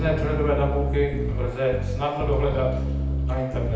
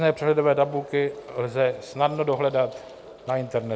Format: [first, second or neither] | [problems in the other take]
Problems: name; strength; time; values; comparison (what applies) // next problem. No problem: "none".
second | background sound (Bass guitar); as loud as the speech // room echo; dies away in 0.9 s